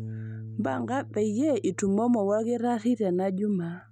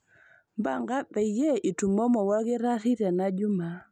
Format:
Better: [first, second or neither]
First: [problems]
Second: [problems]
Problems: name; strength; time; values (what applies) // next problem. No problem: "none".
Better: second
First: background sound (Bass guitar); 15 dB below the speech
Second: none